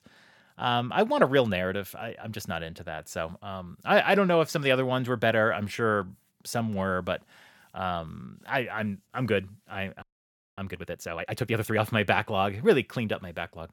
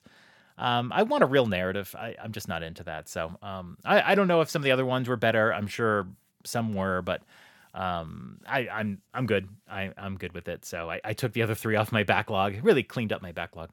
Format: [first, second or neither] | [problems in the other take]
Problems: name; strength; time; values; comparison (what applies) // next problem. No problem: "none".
second | audio freezing; at 10 s for 0.5 s